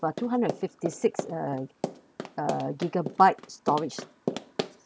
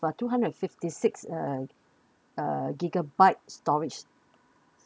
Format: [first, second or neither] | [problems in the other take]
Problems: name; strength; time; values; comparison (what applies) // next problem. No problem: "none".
second | background sound (Run); 8 dB below the speech